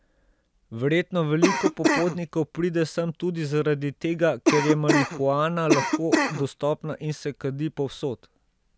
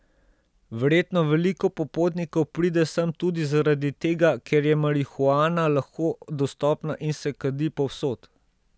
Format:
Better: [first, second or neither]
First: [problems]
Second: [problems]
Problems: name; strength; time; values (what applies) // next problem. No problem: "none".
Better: second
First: background sound (Cough); 1 dB above the speech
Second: none